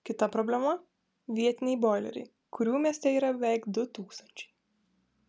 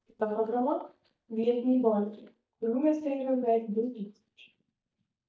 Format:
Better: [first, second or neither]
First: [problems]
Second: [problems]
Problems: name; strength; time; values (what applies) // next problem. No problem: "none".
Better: first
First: none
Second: noise reduction (neural mask model DeepFilterNet 3)